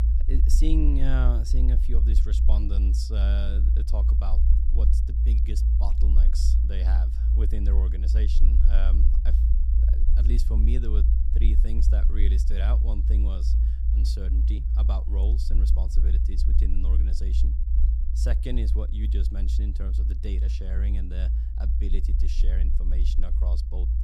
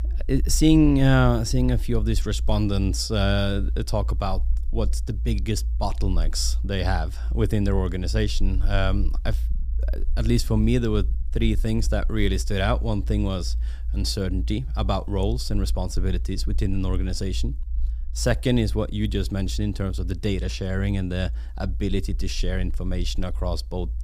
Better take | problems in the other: second | low rumble; loud; throughout; 3 dB below the speech; faint in the second

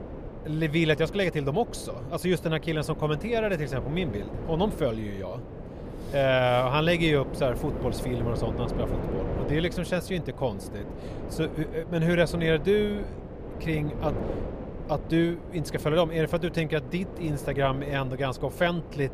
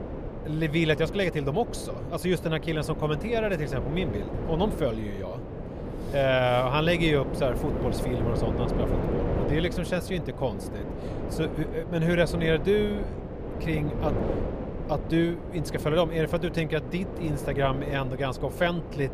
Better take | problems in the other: first | wind noise on the microphone; heavy; 8 dB below the speech; occasional gusts in the first

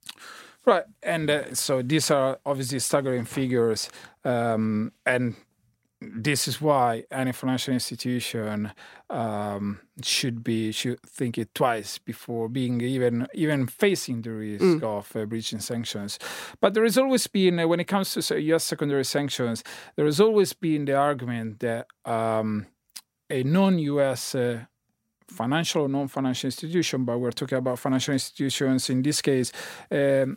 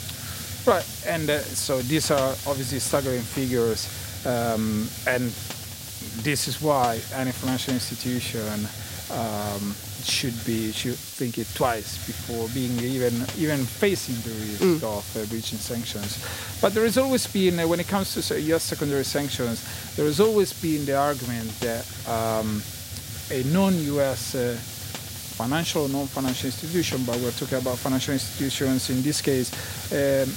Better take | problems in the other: first | hiss; loud; throughout; 8 dB below the speech

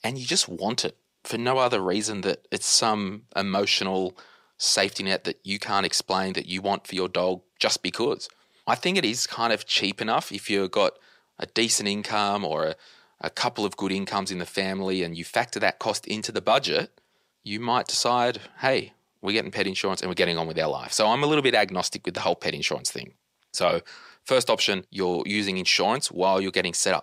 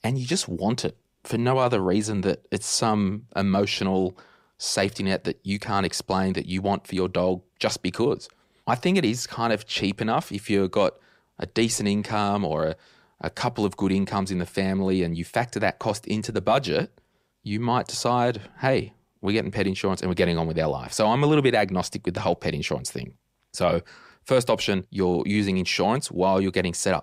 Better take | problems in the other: second | thin; very slightly; fading below 450 Hz

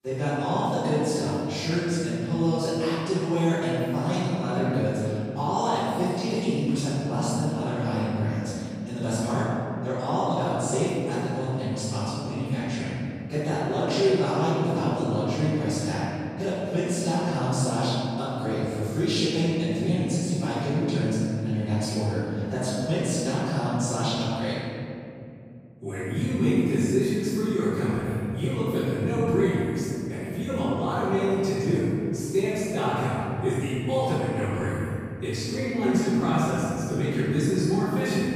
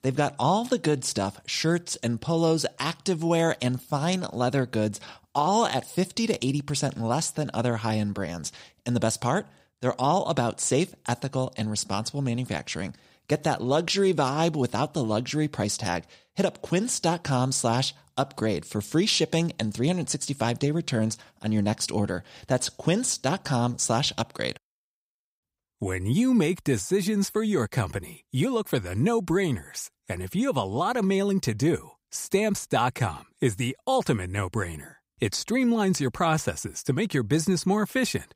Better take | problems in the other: second | off-mic speech; far // room echo; strong; dies away in 2.8 s

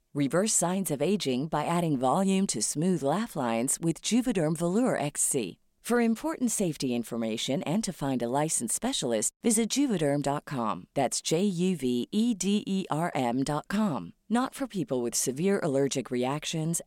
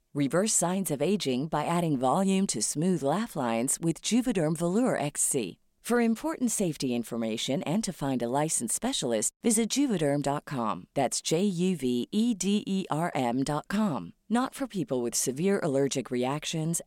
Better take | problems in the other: neither | none

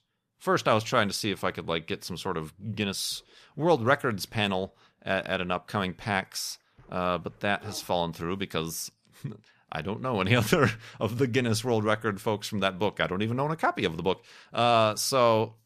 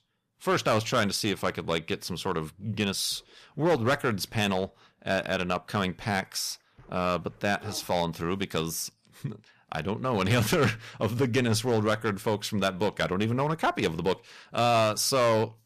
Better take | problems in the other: first | distortion; slight; 5% of the sound clipped

